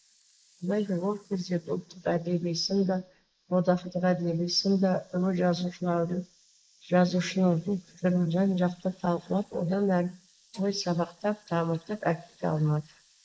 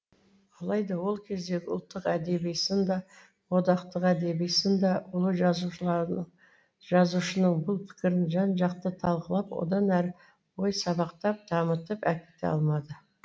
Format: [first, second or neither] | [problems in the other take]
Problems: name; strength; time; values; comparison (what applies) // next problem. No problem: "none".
second | noise reduction (neural mask model Resemble Enhance denoiser)